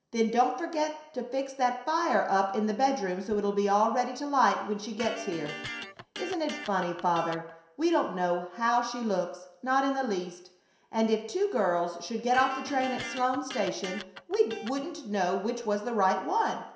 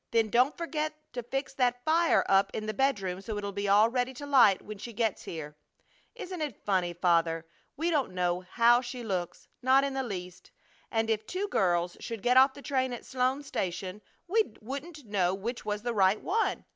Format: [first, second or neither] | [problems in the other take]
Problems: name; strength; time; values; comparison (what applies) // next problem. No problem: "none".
second | background sound (Electric guitar); 12 dB below the speech // room echo; dies away in 0.7 s